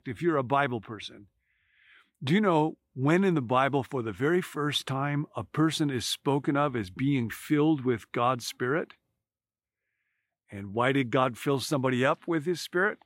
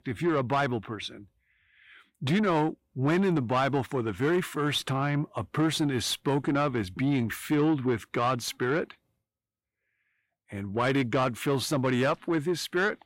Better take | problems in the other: first | distortion; slight; 10 dB below the speech

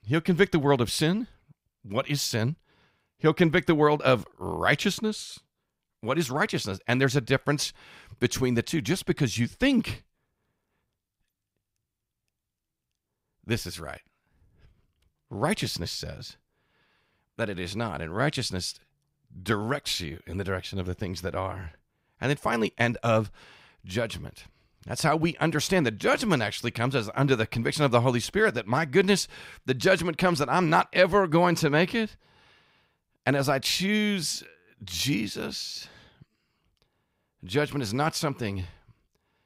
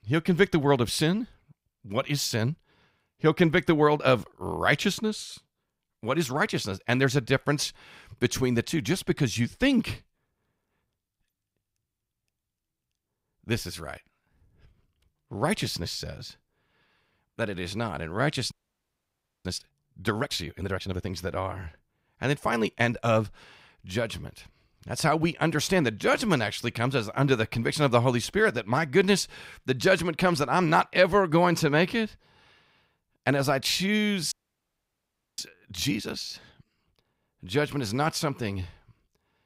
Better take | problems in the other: first | audio freezing; at 19 s for 1 s and at 34 s for 1 s

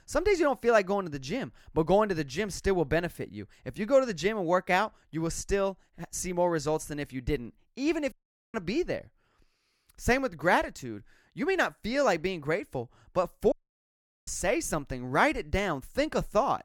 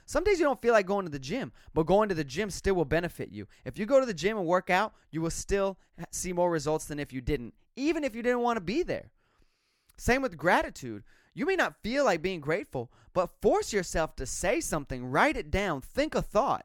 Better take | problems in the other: second | audio cutting out; at 8 s and at 14 s for 1 s

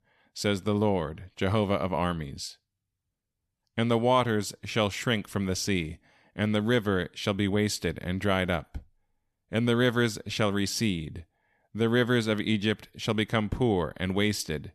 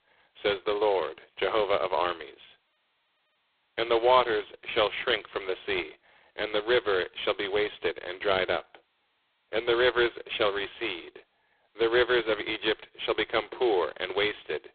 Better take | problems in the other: first | phone-call audio; poor line; nothing above 3.5 kHz

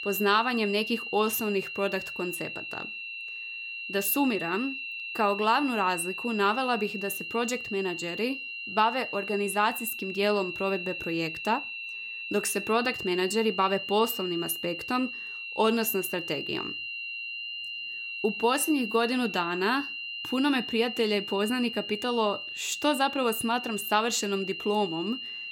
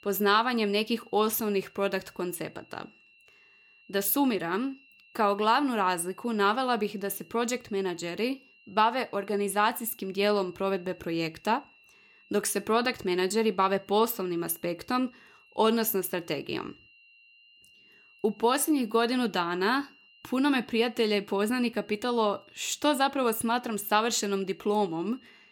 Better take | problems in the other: second | high-pitched whine; loud; throughout; 2.5 kHz, 6 dB below the speech; faint in the second

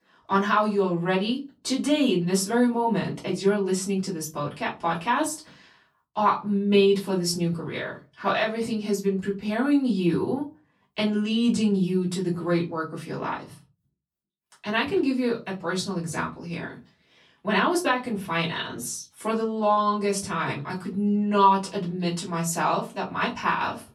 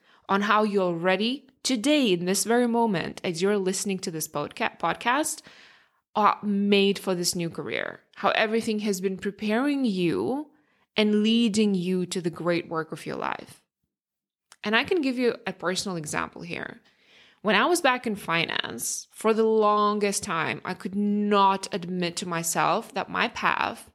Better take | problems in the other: second | off-mic speech; far // room echo; very slight; dies away in 0.3 s

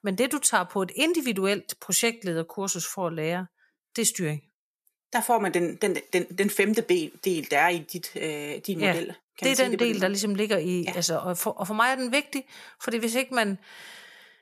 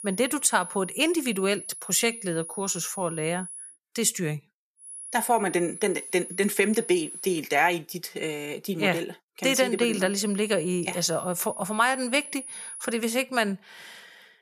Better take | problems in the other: first | high-pitched whine; noticeable; until 3.5 s, from 5 to 7.5 s and from 9.5 to 13 s; 10.5 kHz, 10 dB below the speech

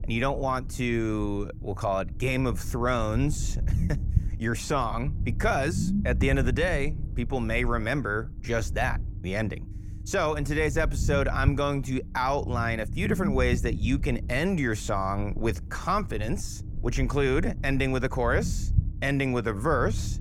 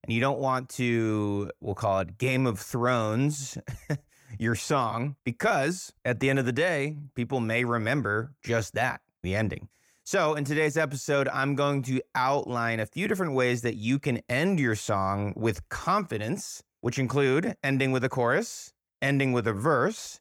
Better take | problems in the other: second | low rumble; noticeable; throughout; 15 dB below the speech

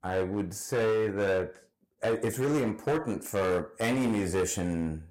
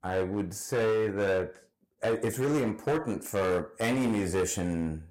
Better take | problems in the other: neither | distortion; slight; 14% of the sound clipped; the same in both

